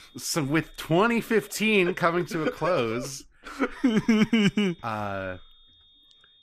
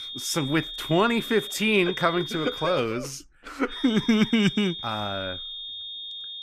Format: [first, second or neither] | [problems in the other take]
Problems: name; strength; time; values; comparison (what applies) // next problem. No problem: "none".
first | high-pitched whine; loud; until 3 s and from 3.5 s on; 3.5 kHz, 9 dB below the speech; faint in the first